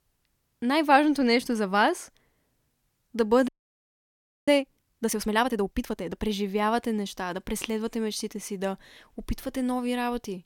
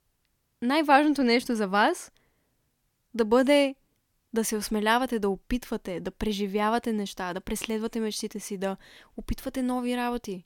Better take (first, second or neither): second